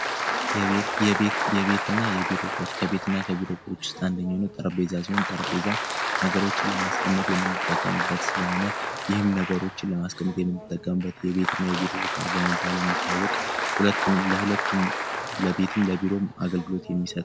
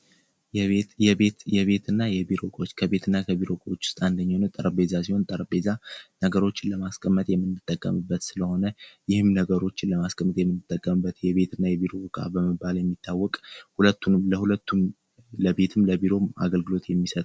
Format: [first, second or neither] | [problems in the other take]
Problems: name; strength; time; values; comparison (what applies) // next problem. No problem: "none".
second | background sound (Applause); 2 dB below the speech